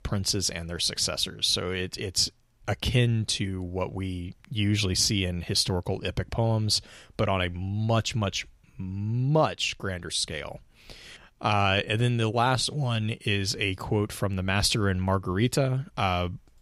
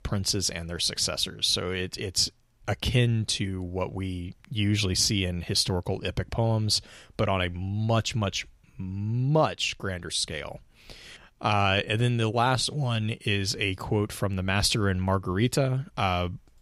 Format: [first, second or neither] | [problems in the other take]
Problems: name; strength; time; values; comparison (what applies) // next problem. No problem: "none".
neither | none